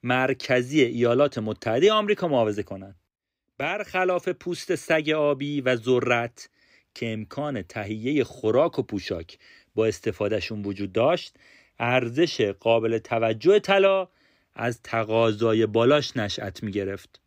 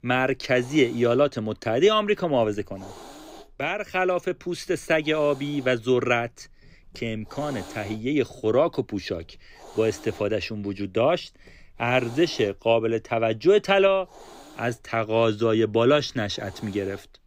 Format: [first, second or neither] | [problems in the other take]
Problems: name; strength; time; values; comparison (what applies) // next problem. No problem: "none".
first | hiss; faint; throughout; 20 dB below the speech